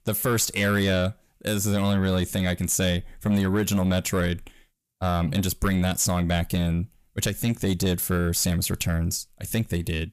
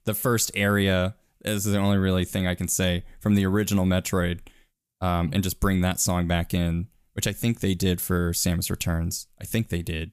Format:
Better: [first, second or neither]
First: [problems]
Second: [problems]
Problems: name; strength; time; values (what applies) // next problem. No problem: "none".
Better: second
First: distortion; slight; 10 dB below the speech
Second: none